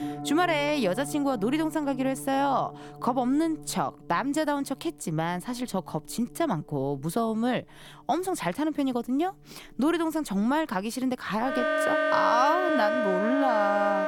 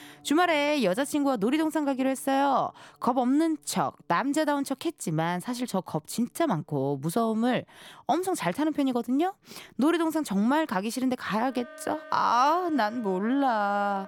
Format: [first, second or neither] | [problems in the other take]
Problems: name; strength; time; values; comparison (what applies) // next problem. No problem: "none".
second | background music; loud; throughout; 2 dB below the speech; faint in the second